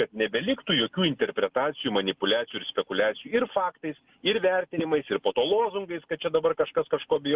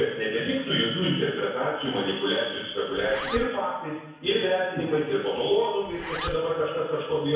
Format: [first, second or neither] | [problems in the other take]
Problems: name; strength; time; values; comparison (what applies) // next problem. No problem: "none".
first | background sound (Zipper (clothing)); 15 dB below the speech // room echo; dies away in 1 s